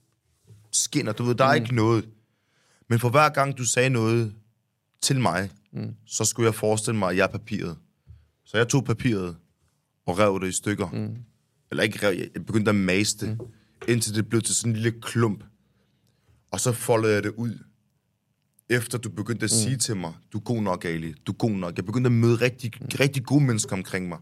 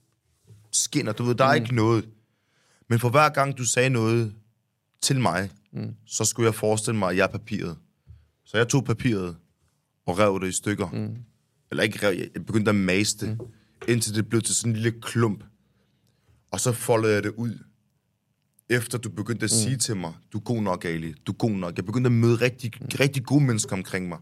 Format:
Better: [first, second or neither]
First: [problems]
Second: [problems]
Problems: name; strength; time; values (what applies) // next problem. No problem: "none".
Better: neither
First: none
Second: none